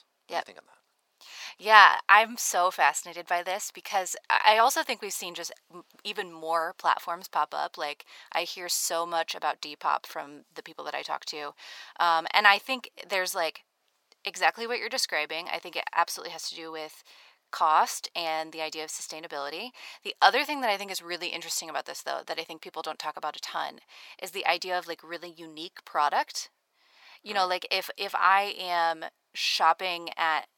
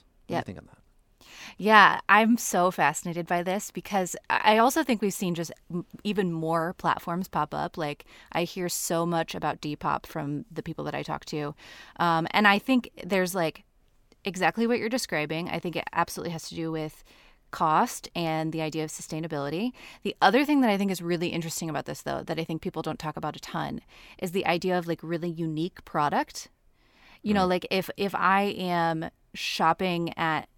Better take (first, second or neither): second